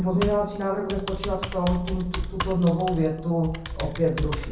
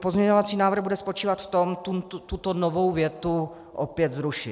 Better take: second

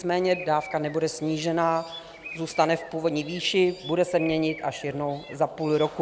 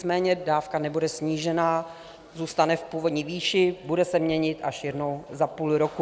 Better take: second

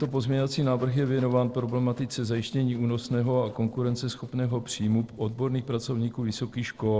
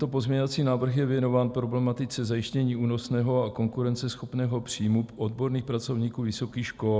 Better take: second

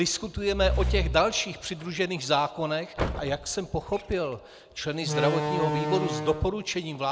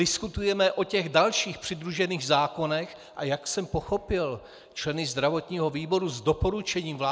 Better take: second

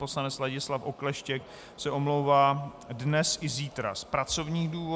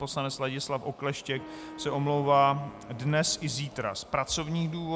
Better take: first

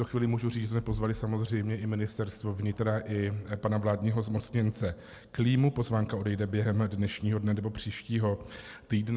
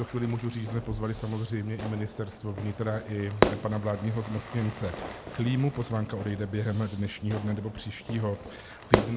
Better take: first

